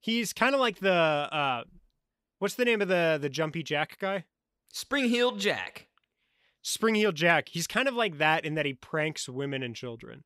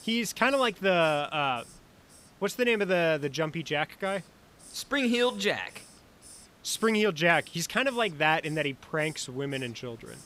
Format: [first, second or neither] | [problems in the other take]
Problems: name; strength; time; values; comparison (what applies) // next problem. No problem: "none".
first | hiss; faint; throughout; 25 dB below the speech